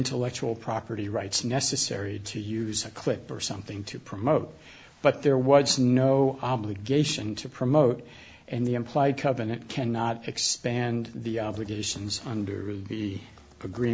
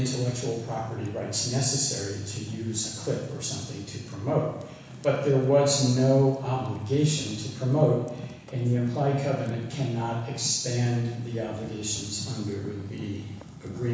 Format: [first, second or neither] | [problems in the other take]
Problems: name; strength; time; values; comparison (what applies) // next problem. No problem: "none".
first | background sound (Fire); 17 dB below the speech // room echo; dies away in 1.1 s